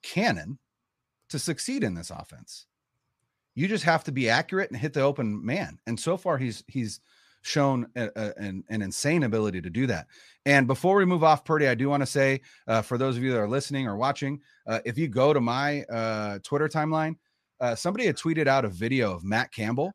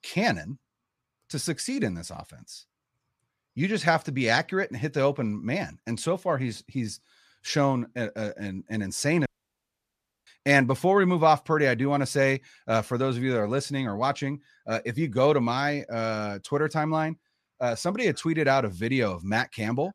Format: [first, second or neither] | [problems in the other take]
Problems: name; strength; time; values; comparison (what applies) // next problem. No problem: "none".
first | audio cutting out; at 9.5 s for 1 s